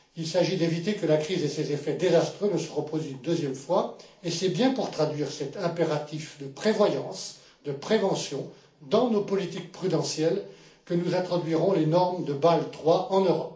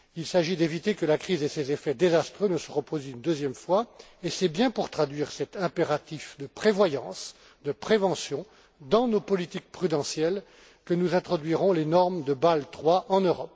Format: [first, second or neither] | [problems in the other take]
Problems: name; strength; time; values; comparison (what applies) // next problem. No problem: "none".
second | room echo; dies away in 0.4 s